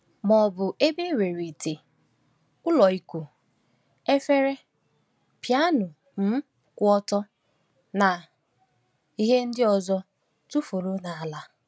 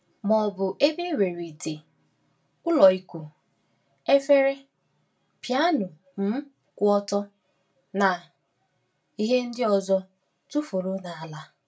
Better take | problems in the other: first | room echo; dies away in 0.2 s

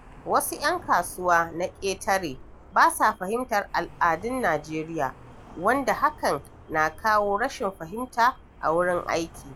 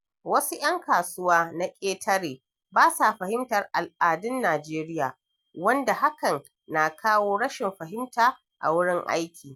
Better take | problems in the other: second | background sound (Traffic noise, roadway noise); 20 dB below the speech

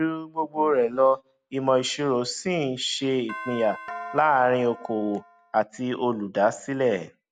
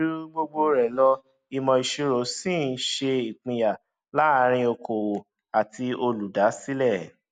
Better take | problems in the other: second | background sound (Doorbell); 14 dB below the speech

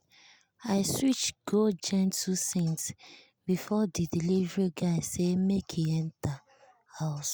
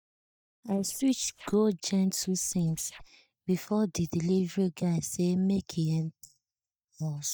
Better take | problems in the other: first | noise reduction (neural mask model DeepFilterNet 3)

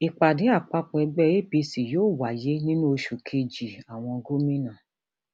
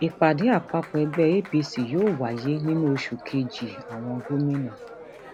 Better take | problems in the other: first | background sound (Applause); 17 dB below the speech

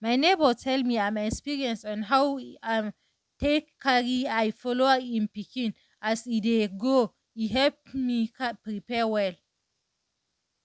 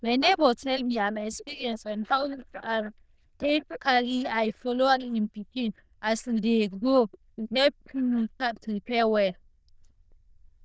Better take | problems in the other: first | noise reduction (neural diffusion model UNIVERSE++)

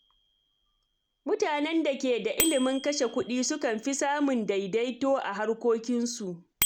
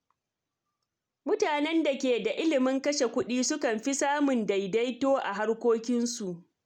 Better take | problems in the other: second | background sound (Bicycle bell); 10 dB below the speech

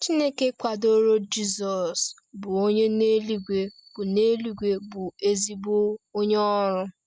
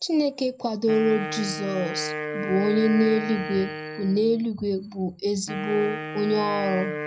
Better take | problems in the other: first | background sound (Wind instrument, woodwind instrument); 8 dB below the speech // room echo; dies away in 0.3 s

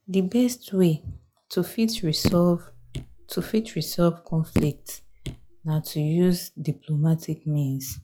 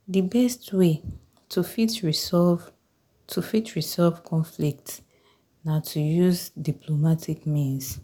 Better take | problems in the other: second | noise reduction (classical method log-MMSE)

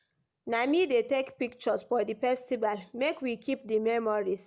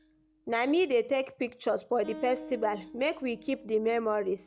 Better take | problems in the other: first | background sound (Acoustic guitar); 19 dB below the speech

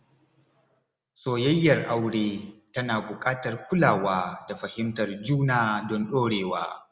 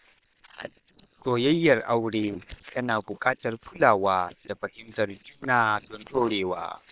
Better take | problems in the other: first | noise reduction (neural separator model SepFormer WHAM!)

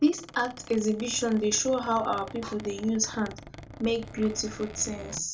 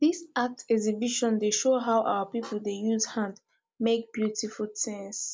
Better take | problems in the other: second | background sound (Squeak); 16 dB below the speech // room echo; dies away in 0.2 s

